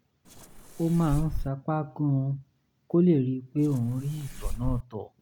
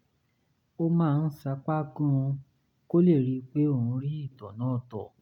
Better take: second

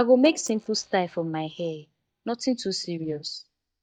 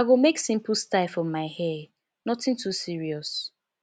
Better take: second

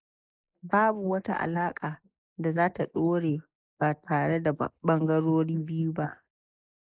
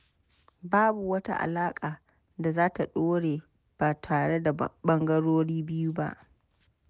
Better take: second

